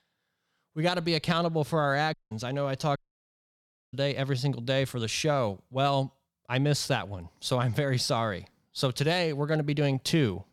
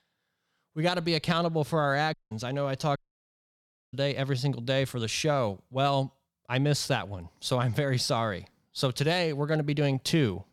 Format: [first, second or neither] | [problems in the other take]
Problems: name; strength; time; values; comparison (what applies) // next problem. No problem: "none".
neither | audio cutting out; at 2 s and at 3 s for 1 s; the same in both